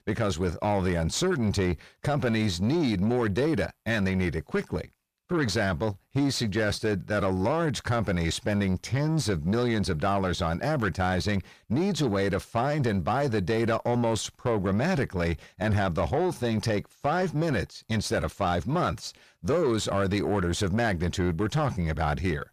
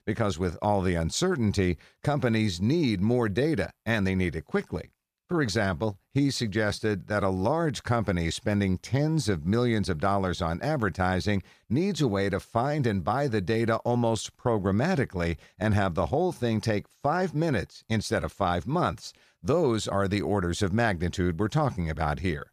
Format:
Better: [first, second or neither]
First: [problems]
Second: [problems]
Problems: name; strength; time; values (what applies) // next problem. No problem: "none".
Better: second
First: distortion; slight; 9 dB below the speech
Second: none